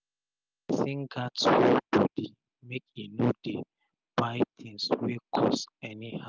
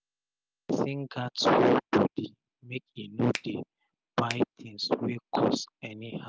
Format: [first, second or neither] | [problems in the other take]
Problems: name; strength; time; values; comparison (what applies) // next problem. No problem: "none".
first | background sound (Finger snapping); 10 dB below the speech